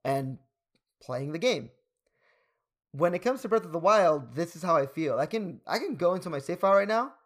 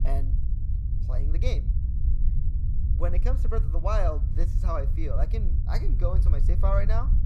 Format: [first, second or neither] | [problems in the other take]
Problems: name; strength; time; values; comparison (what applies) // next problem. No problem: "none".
first | low rumble; noticeable; throughout; 10 dB below the speech